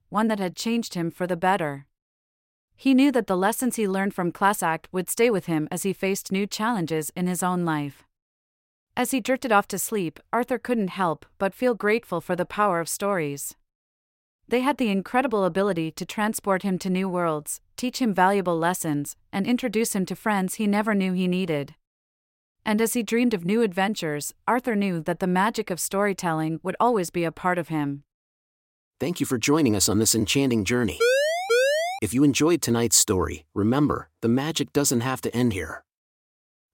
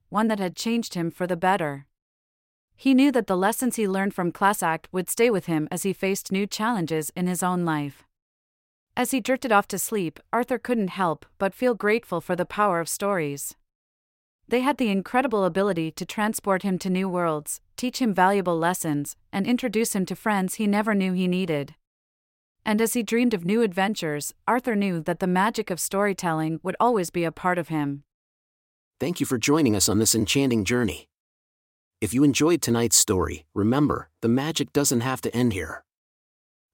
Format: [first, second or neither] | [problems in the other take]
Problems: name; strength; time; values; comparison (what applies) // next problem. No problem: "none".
second | siren; loud; at 31 s; peak 3 dB above the speech